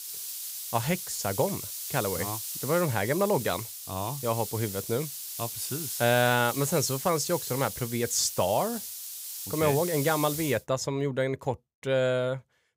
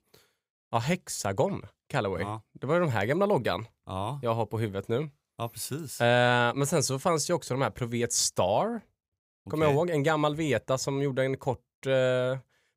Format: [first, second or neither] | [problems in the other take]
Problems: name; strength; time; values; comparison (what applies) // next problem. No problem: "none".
second | hiss; loud; until 11 s; 6 dB below the speech